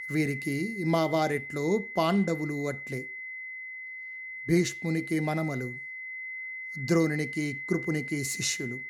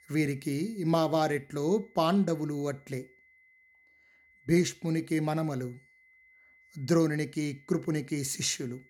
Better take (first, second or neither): second